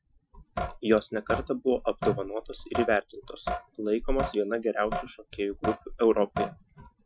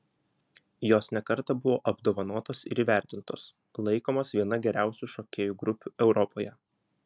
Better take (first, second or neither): second